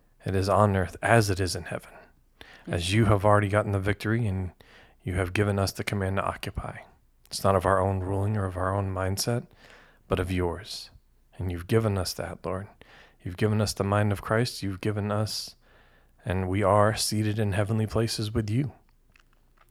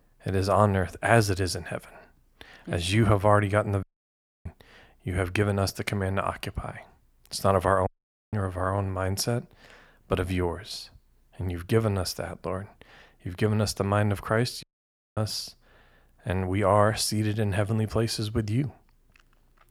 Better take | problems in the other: first | audio cutting out; at 4 s for 0.5 s, at 8 s and at 15 s for 0.5 s

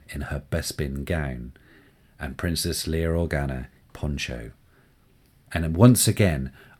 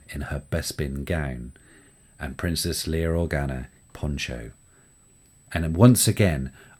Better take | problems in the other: first | high-pitched whine; faint; throughout; 8 kHz, 35 dB below the speech

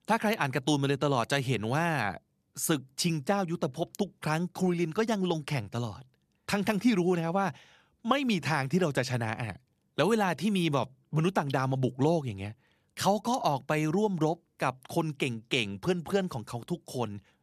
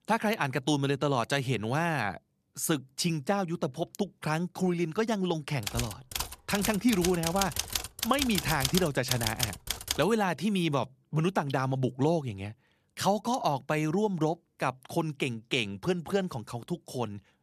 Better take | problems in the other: first | keyboard typing; loud; from 5.5 to 10 s; peak level with the speech

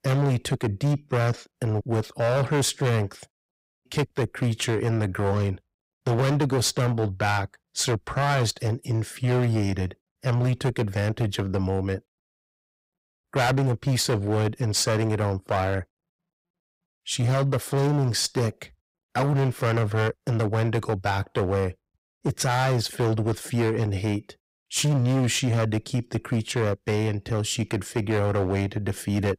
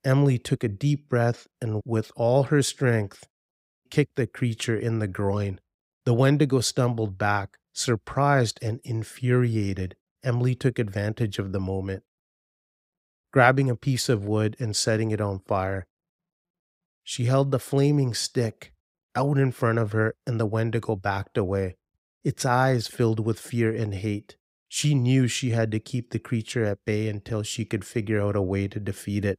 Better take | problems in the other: second | distortion; heavy; 15% of the sound clipped

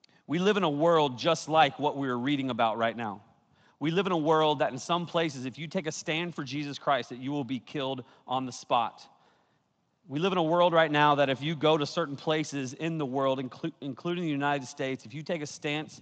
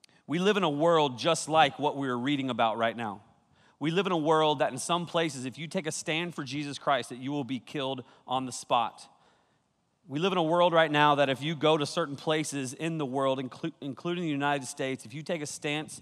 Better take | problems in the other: second | garbled, watery; slightly; nothing above 7.5 kHz

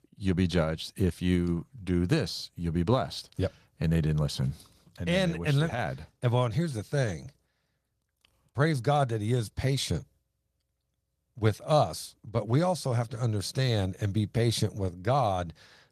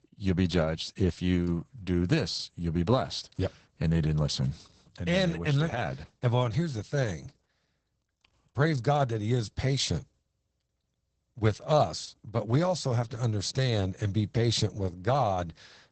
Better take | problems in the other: first | garbled, watery; badly; nothing above 8 kHz; slightly in the first

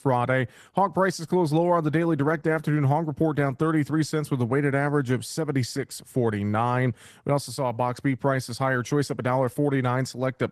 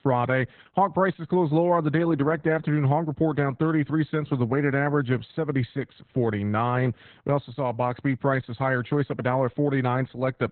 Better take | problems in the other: first | garbled, watery; badly; nothing above 4 kHz; slightly in the first

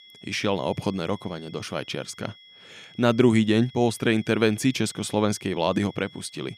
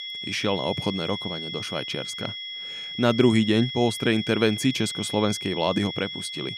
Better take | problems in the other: first | high-pitched whine; loud; throughout; 3.5 kHz, 7 dB below the speech; faint in the first

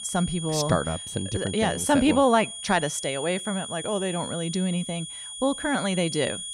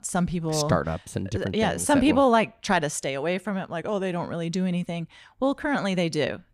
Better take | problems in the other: second | high-pitched whine; loud; throughout; 3.5 kHz, 9 dB below the speech

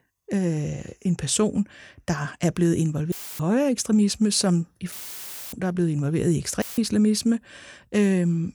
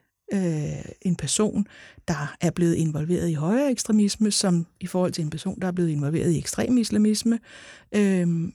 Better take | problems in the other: second | audio cutting out; filled with static; at 3 s, at 5 s for 0.5 s and at 6.5 s

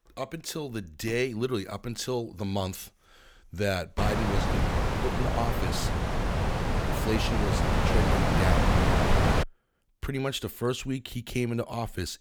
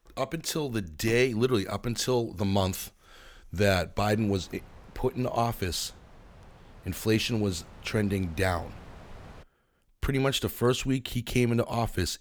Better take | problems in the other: second | wind noise on the microphone; heavy; from 4 to 9.5 s; 4 dB above the speech; occasional gusts in the second

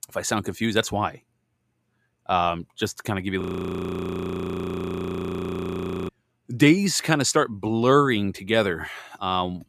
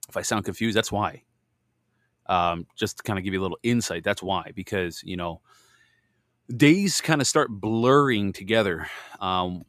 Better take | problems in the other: second | audio freezing; at 3.5 s for 2.5 s

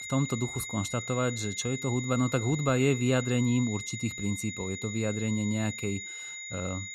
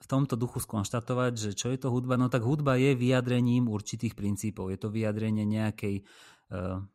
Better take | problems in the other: second | high-pitched whine; loud; throughout; 2 kHz, 7 dB below the speech

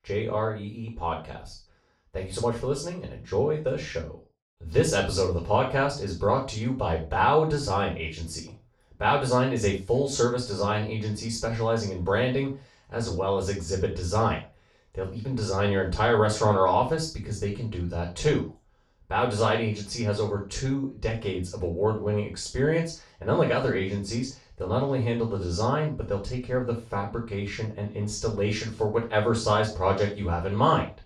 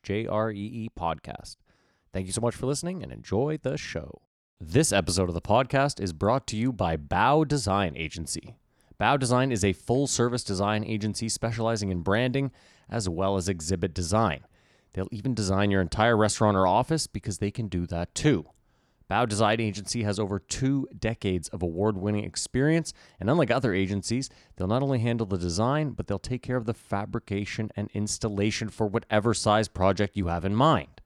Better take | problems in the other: second | room echo; noticeable; dies away in 0.3 s // off-mic speech; far

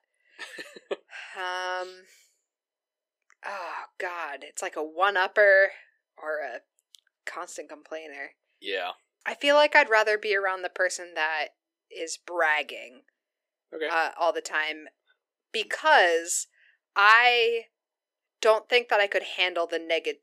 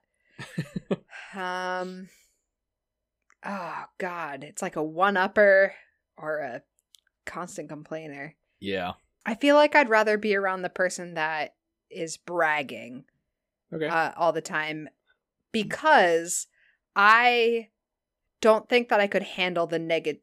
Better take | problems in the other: second | thin; somewhat; fading below 350 Hz

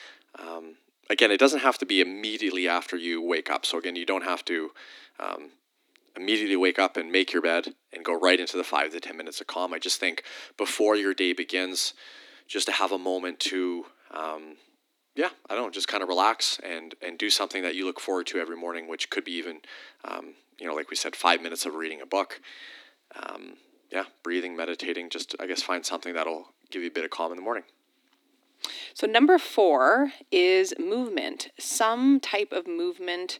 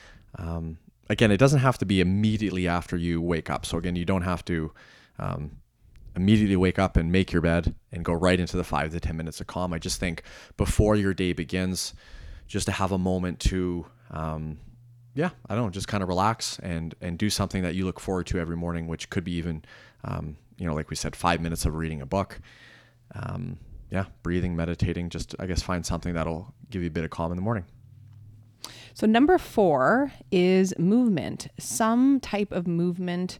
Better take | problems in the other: second | thin; somewhat; fading below 250 Hz

